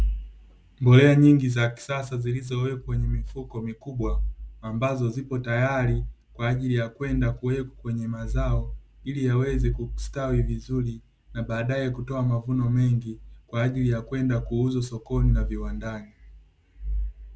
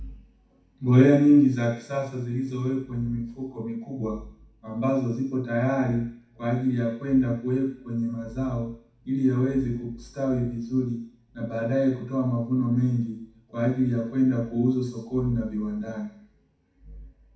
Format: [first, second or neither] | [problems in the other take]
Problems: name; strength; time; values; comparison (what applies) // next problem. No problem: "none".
first | room echo; dies away in 0.6 s